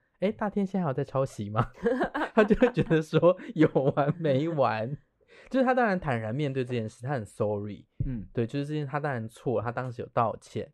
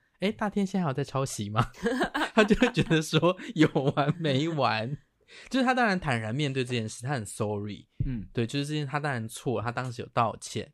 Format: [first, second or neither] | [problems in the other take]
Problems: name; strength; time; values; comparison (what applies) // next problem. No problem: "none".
second | muffled; slightly; fading above 2.5 kHz